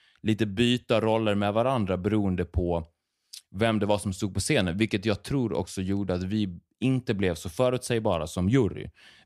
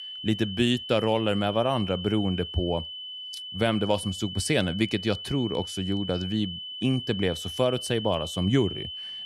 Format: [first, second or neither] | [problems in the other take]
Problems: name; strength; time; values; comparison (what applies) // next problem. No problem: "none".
first | high-pitched whine; loud; throughout; 3 kHz, 8 dB below the speech